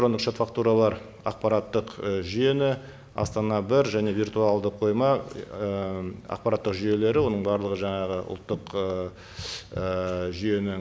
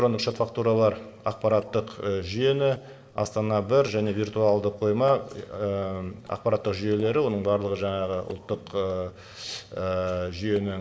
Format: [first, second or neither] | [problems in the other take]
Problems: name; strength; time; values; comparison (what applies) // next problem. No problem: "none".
first | noise reduction (neural separator model SepFormer DNS4)